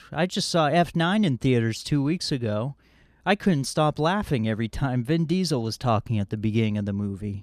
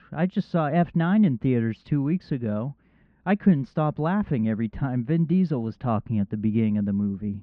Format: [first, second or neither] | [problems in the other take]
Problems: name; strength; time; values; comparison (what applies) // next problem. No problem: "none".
first | muffled; very; fading above 2 kHz